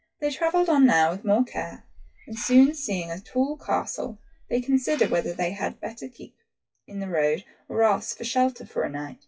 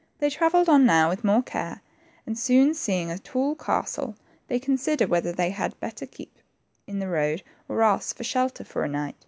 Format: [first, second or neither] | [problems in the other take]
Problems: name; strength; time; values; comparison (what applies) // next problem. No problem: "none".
second | noise reduction (classical method WPE with log-MMSE)